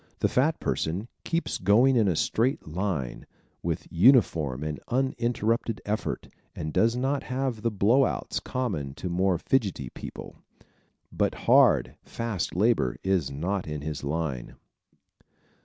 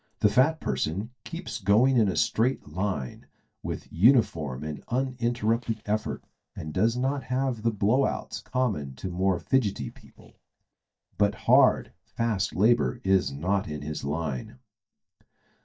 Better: first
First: none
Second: noise reduction (neural mask model DeepFilterNet 3)

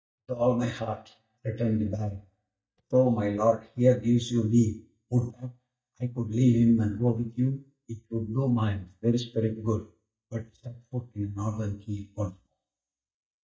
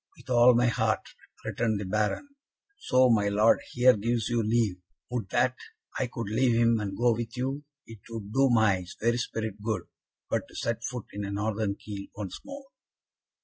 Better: second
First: noise reduction (neural mask model DeepFilterNet 3)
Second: none

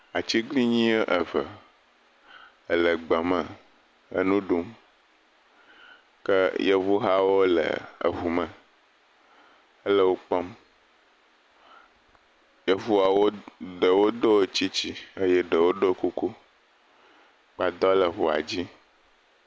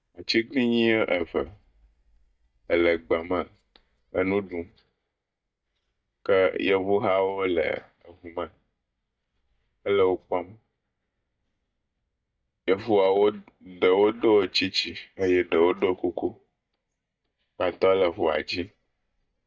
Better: first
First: none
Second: noise reduction (neural mask model DeepFilterNet 3)

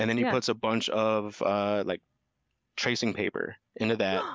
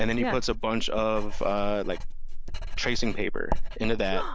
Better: first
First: none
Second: background sound (Writing); 2 dB above the speech

